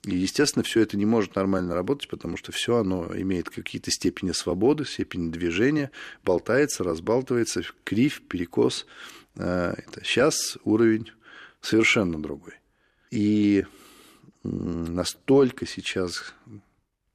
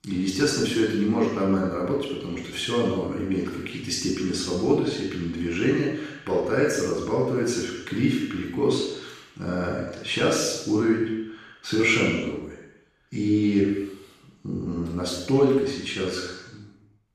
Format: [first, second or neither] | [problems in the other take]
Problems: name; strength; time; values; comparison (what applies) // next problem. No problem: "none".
first | room echo; strong; dies away in 0.9 s // off-mic speech; far